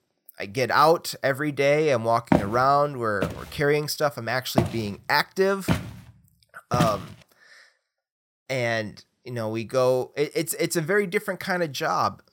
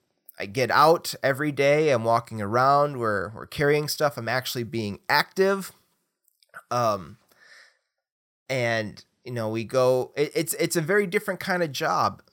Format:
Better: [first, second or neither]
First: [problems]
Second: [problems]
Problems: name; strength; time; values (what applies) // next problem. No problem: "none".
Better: second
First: footsteps; loud; from 2.5 to 7 s; peak level with the speech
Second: none